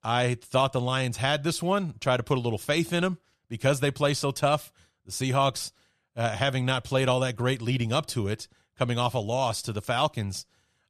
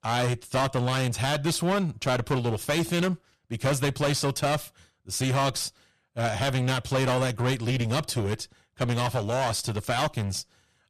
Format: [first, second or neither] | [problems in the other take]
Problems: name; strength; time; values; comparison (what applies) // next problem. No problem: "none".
first | distortion; heavy; 17% of the sound clipped